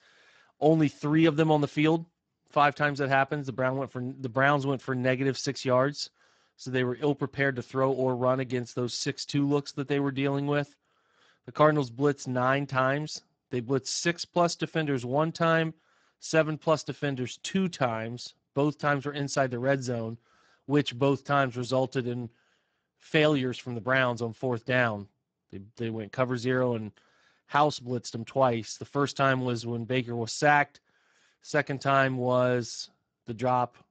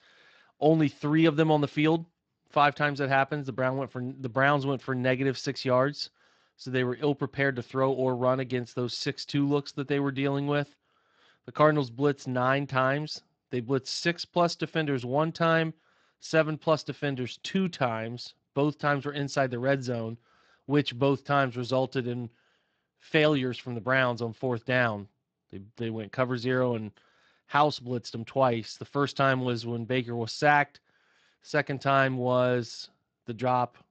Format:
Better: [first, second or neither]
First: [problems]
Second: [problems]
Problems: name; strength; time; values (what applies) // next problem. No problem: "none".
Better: second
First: garbled, watery; badly; nothing above 7.5 kHz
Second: garbled, watery; slightly; nothing above 7.5 kHz